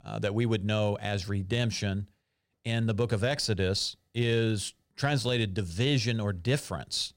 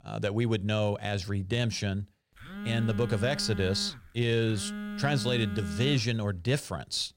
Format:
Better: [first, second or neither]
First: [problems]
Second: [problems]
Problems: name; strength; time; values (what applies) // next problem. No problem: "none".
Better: first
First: none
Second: phone ringing; noticeable; from 2.5 to 6 s; peak 6 dB below the speech